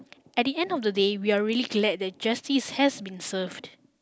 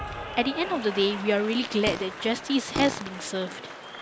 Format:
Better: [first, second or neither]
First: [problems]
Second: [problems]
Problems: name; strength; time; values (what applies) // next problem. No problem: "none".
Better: first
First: none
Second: background sound (Fart + Applause / Cheering); 9 dB below the speech